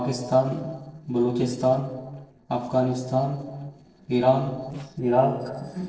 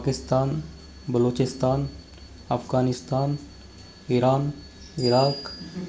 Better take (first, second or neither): second